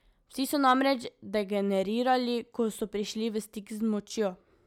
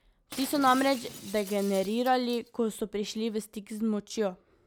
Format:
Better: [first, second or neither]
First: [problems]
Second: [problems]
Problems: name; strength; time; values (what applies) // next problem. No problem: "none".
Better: first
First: none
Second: background sound (Shatter); 17 dB below the speech